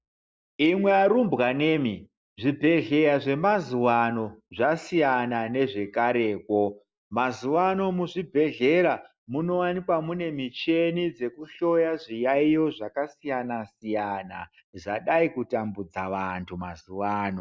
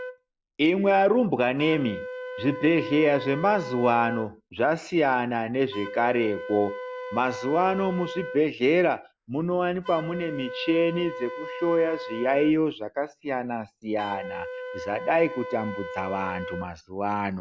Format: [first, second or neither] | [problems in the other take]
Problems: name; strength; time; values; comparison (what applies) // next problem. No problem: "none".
first | background sound (Wind instrument, woodwind instrument); 12 dB below the speech